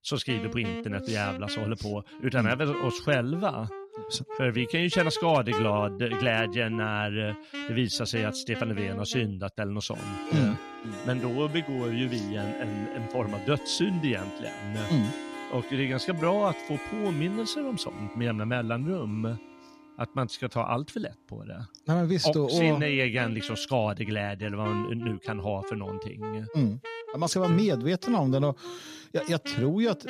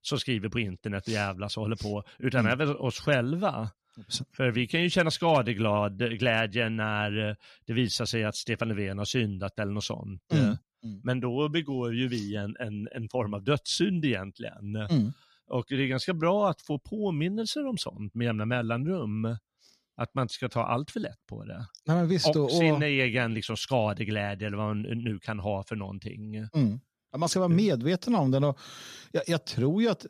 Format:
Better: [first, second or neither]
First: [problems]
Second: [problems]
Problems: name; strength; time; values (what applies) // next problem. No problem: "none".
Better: second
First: background music; noticeable; throughout; 10 dB below the speech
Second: none